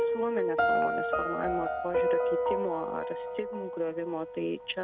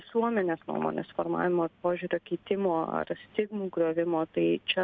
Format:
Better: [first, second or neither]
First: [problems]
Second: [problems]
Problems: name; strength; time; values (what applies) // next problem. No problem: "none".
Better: second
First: background sound (Piano); 5 dB above the speech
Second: none